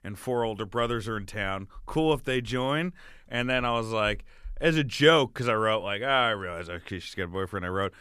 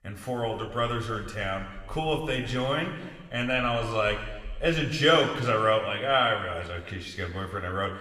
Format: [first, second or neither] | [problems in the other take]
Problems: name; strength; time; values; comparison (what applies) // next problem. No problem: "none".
first | room echo; slight; dies away in 1.2 s